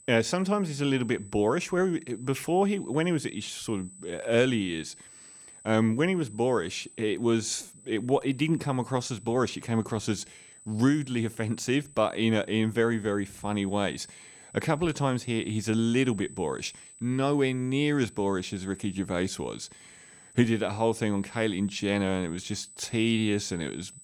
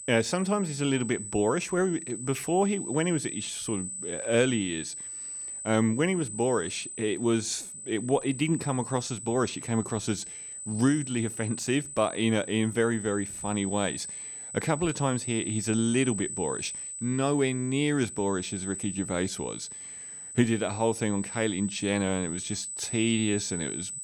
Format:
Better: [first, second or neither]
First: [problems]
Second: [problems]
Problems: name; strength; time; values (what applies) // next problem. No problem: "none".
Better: first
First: high-pitched whine; faint; throughout; 8 kHz, 20 dB below the speech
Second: high-pitched whine; loud; throughout; 8 kHz, 7 dB below the speech